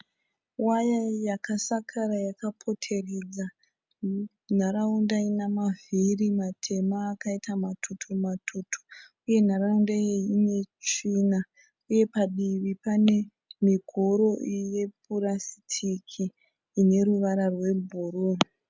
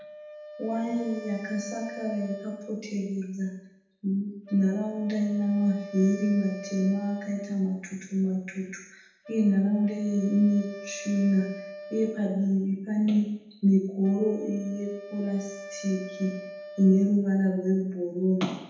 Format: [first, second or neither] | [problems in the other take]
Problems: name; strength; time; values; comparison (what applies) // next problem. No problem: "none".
first | background sound (Wind instrument, woodwind instrument); 17 dB below the speech // room echo; dies away in 0.8 s